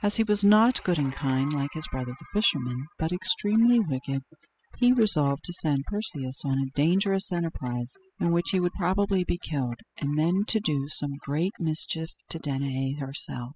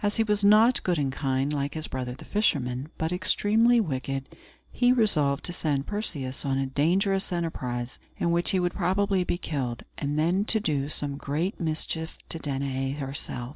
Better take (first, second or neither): second